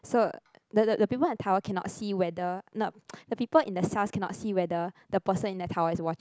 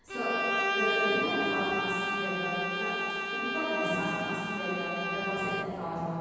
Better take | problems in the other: first | background sound (Bowed string instrument); 2 dB above the speech // room echo; dies away in 2.1 s

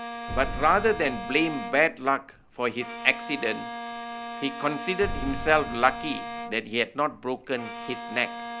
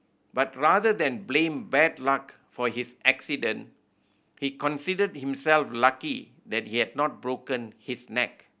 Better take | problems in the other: second | background sound (Bowed string instrument + Boom); 8 dB below the speech

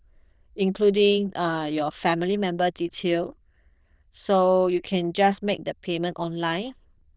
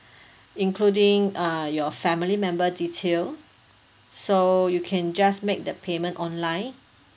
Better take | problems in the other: second | noise reduction (neural diffusion model UNIVERSE++)

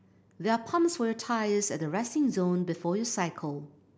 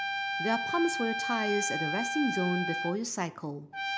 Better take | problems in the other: first | background sound (Trumpet); 2 dB below the speech

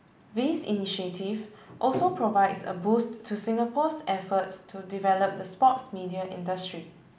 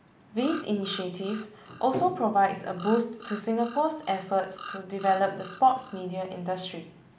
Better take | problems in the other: first | background sound (Bird vocalization, bird call, bird song); 17 dB below the speech

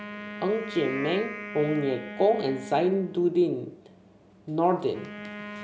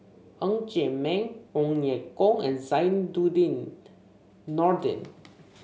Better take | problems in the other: second | background sound (Wind instrument, woodwind instrument); 12 dB below the speech

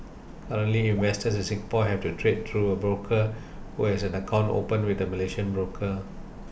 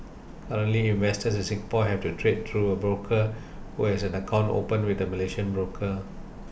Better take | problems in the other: second | background sound (Raindrop / Drip); 19 dB below the speech

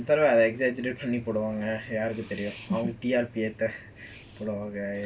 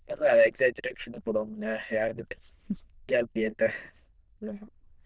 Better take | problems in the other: first | noise reduction (neural diffusion model UNIVERSE++)

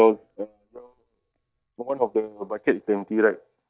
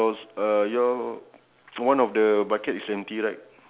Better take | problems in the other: second | noise reduction (neural mask model DeepFilterNet 3)

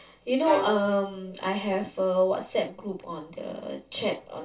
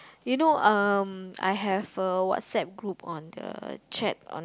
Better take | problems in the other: second | background sound (Bowed string instrument); 9 dB below the speech // room echo; dies away in 0.2 s

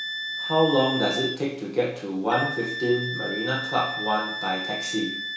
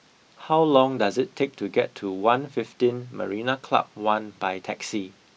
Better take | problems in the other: second | background sound (Wind instrument, woodwind instrument); 5 dB below the speech // room echo; dies away in 0.6 s

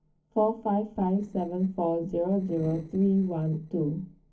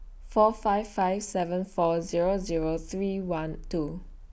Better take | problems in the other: second | noise reduction (neural separator model SepFormer DNS4)

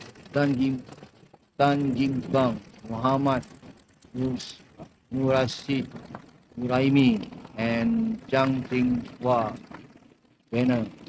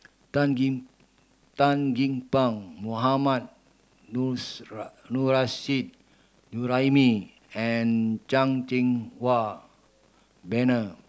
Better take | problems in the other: second | noise reduction (neural mask model RNNoise)

